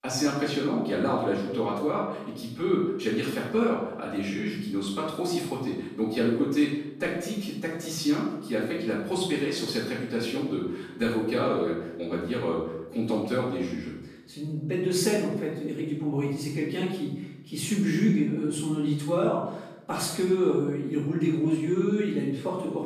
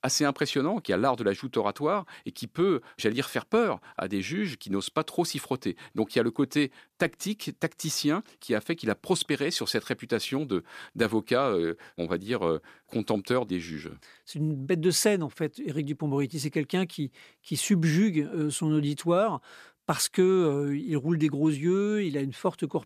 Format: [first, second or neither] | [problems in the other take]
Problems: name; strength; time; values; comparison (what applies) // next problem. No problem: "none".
second | off-mic speech; far // room echo; noticeable; dies away in 0.8 s